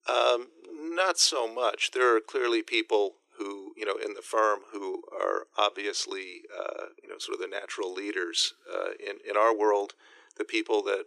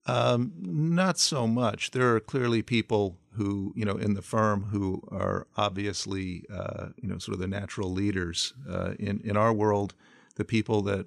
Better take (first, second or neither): second